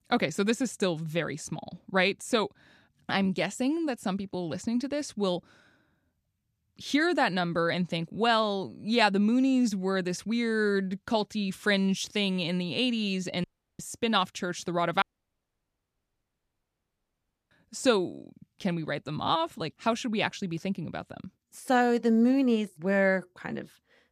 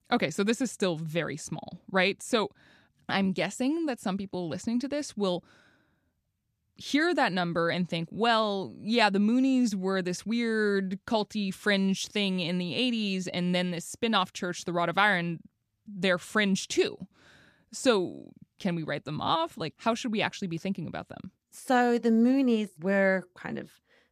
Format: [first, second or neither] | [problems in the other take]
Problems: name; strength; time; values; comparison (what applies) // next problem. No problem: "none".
second | audio cutting out; at 13 s and at 15 s for 2.5 s